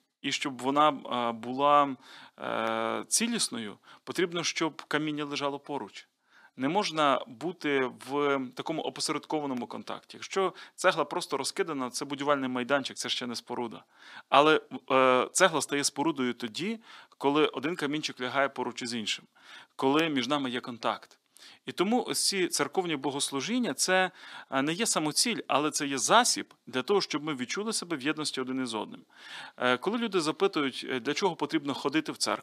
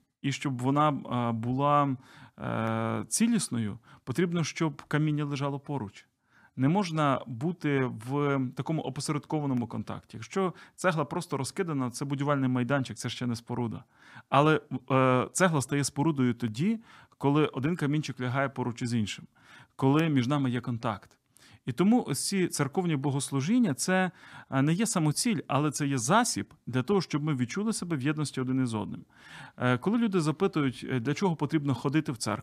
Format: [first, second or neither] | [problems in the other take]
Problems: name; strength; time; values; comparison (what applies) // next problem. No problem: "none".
second | thin; somewhat; fading below 400 Hz